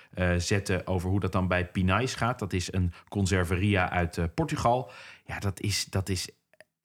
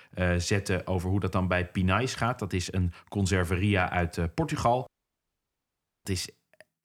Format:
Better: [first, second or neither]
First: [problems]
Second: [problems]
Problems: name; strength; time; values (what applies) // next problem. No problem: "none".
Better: first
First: none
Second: audio cutting out; at 5 s for 1 s